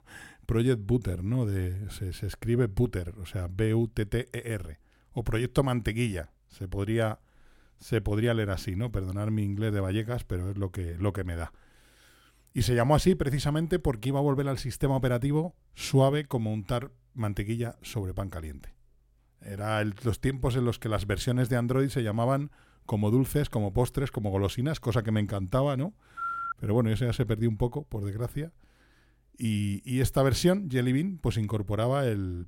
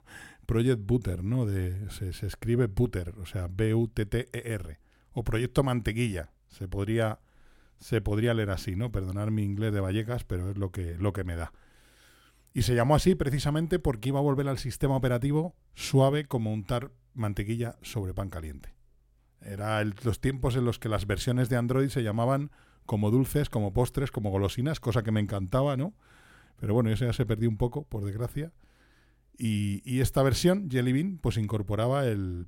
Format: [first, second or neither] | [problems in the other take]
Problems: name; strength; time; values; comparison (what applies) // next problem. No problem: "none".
second | phone ringing; noticeable; at 26 s; peak 4 dB below the speech